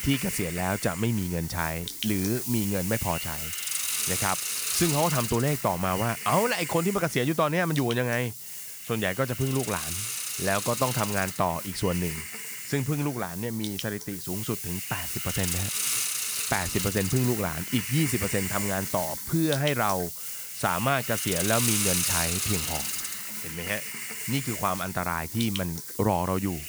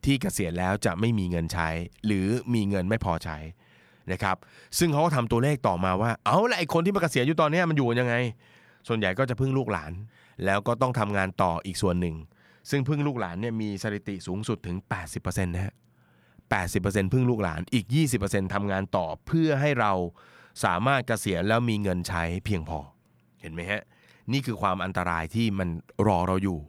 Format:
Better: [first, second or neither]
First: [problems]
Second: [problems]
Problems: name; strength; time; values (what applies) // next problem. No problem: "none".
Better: second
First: hiss; loud; throughout; 2 dB below the speech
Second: none